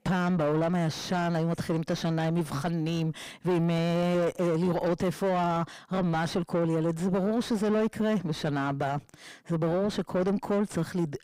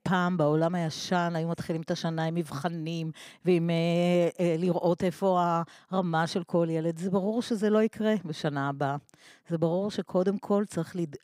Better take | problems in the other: second | distortion; heavy; 8 dB below the speech

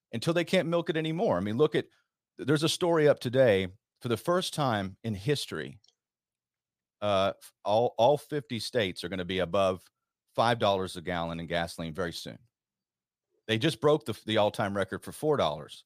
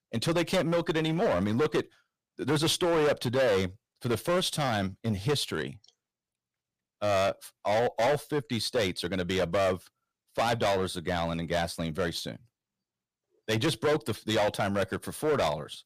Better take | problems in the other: first | distortion; heavy; 12% of the sound clipped

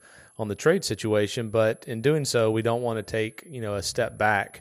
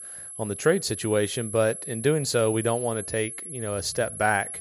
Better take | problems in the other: first | high-pitched whine; loud; throughout; 11 kHz, 8 dB below the speech; faint in the first

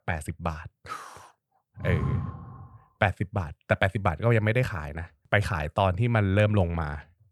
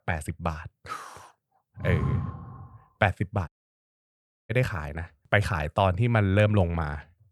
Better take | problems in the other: first | audio cutting out; at 3.5 s for 1 s

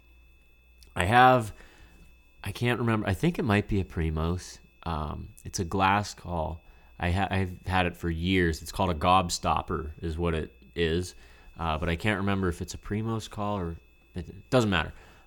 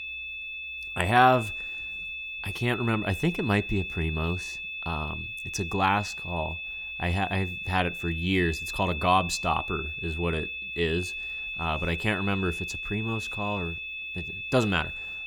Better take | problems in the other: first | high-pitched whine; loud; throughout; 2.5 kHz, 5 dB below the speech; faint in the first

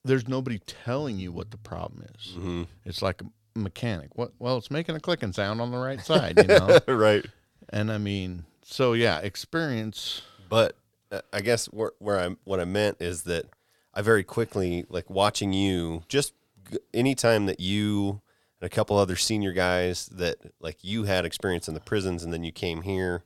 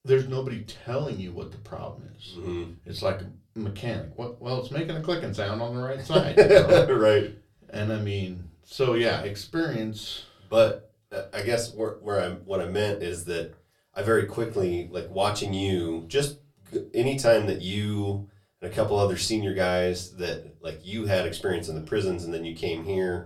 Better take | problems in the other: first | off-mic speech; far // room echo; very slight; dies away in 0.2 s

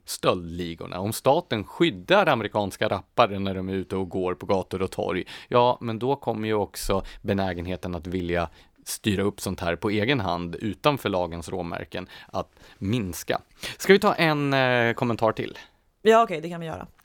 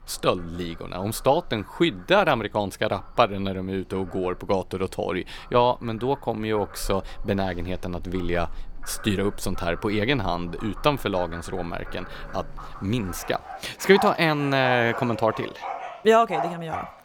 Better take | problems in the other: first | animal sounds; noticeable; throughout; 15 dB below the speech

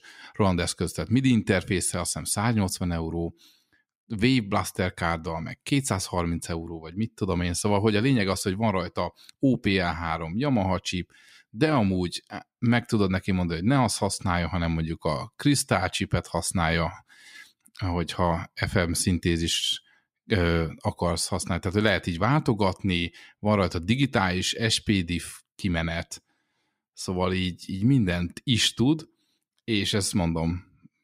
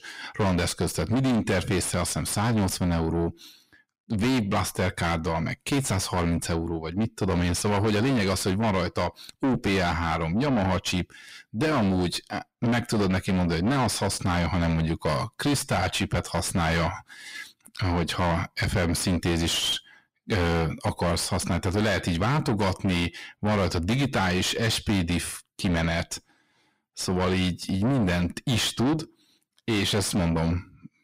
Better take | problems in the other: first | distortion; heavy; 6 dB below the speech

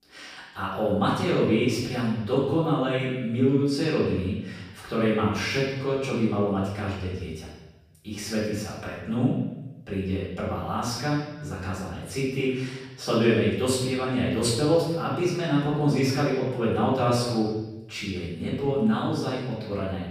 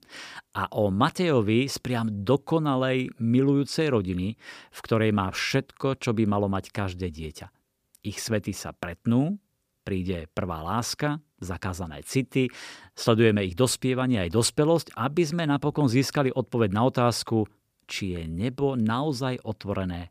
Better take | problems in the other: second | off-mic speech; far // room echo; noticeable; dies away in 1 s

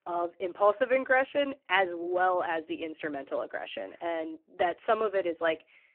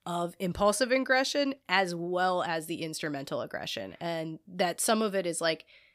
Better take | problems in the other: second | phone-call audio; poor line

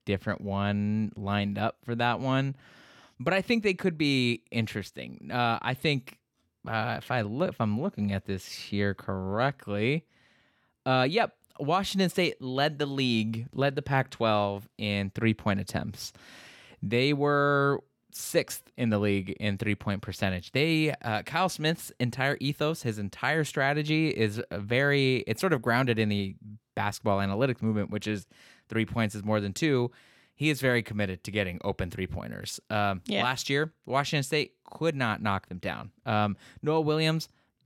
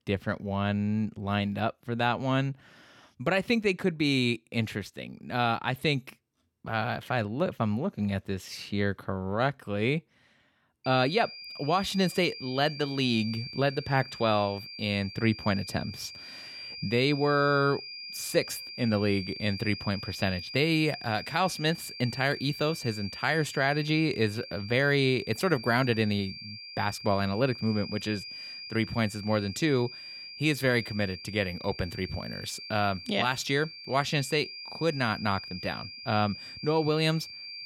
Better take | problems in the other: first | high-pitched whine; noticeable; from 11 s on; 4.5 kHz, 10 dB below the speech

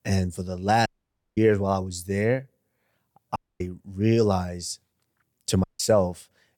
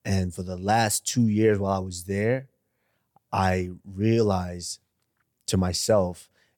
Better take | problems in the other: second | audio cutting out; at 1 s for 0.5 s, at 3.5 s and at 5.5 s

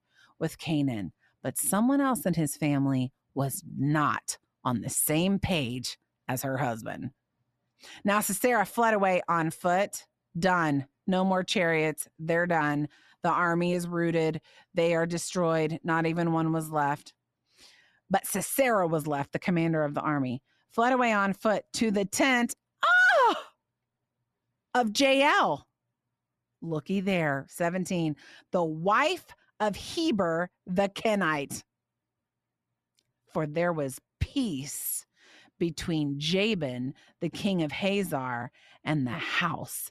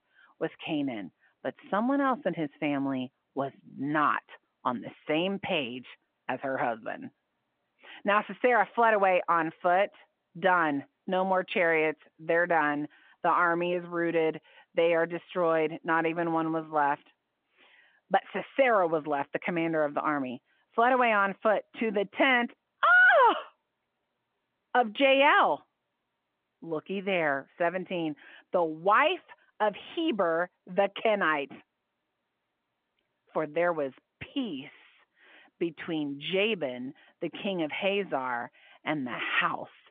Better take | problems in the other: first | phone-call audio

